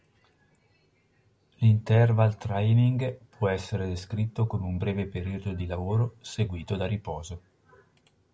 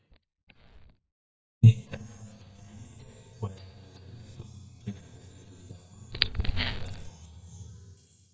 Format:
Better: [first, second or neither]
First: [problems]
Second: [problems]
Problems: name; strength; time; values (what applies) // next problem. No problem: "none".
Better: first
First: none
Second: noise reduction (neural mask model DeepFilterNet 3)